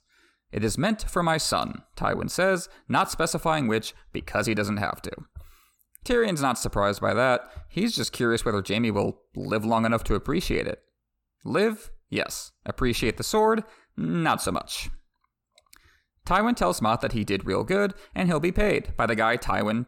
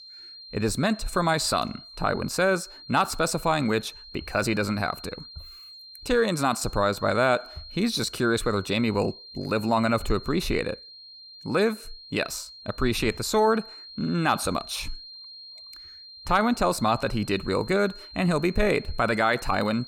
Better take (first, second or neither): first